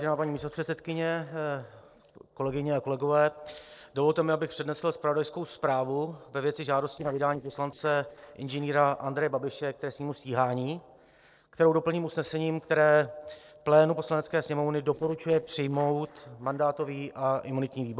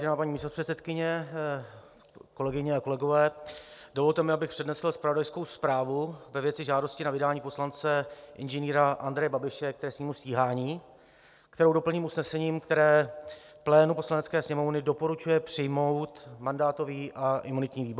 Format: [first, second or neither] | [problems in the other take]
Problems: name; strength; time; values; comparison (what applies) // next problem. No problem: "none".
second | noise reduction (neural separator model SepFormer DNS4)